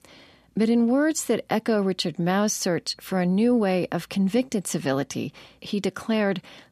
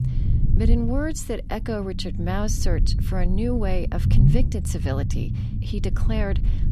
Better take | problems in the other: first | low rumble; loud; throughout; 7 dB below the speech

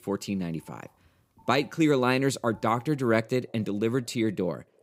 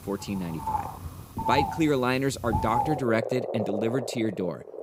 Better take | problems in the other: first | animal sounds; loud; throughout; 4 dB below the speech; faint in the first

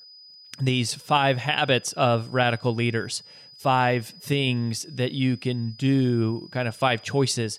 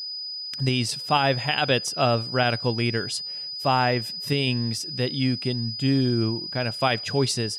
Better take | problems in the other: first | high-pitched whine; loud; throughout; 5 kHz, 6 dB below the speech; faint in the first

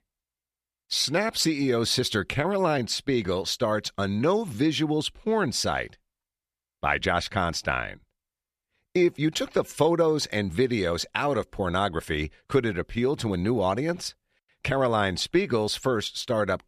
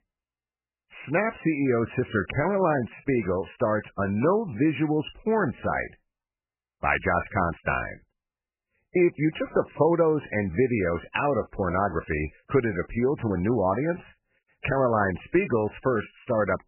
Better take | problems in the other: first | garbled, watery; badly; nothing above 3 kHz

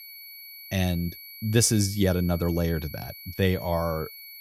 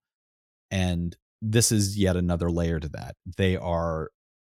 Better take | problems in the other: second | high-pitched whine; noticeable; throughout; 12 kHz, 15 dB below the speech

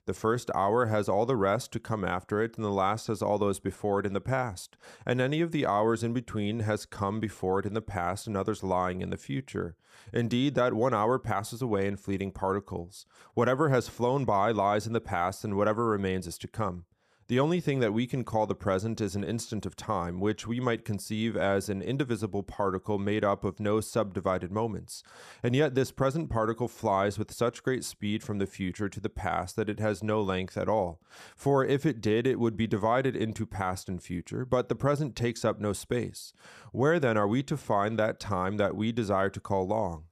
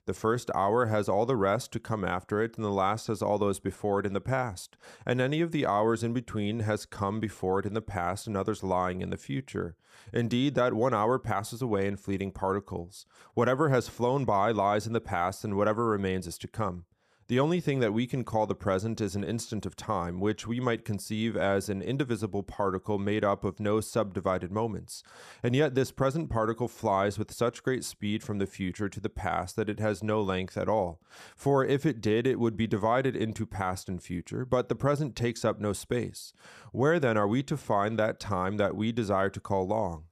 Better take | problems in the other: neither | none

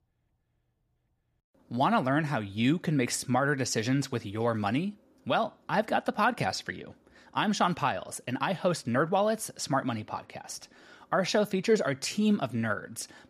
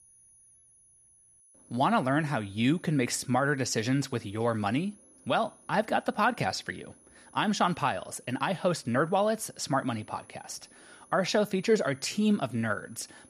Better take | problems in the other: first | high-pitched whine; faint; throughout; 10.5 kHz, 30 dB below the speech

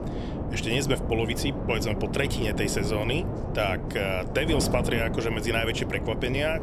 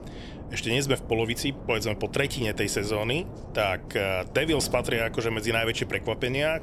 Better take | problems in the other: second | wind noise on the microphone; heavy; 8 dB below the speech; occasional gusts in the second

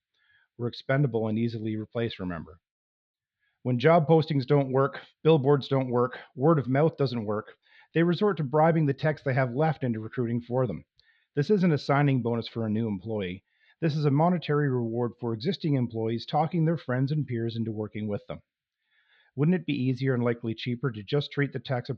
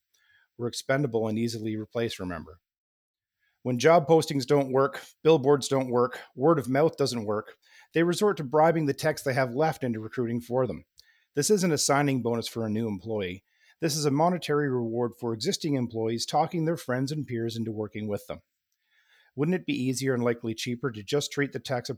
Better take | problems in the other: second | muffled; slightly; fading above 4 kHz

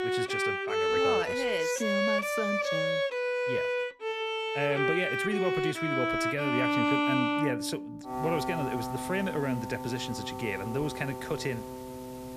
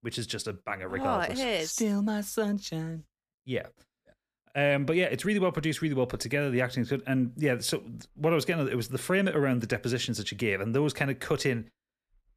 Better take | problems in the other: second | background music; very loud; throughout; 4 dB above the speech

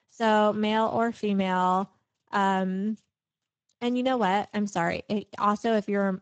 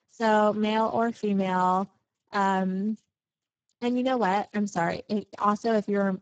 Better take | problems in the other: first | garbled, watery; badly; nothing above 7.5 kHz; slightly in the first

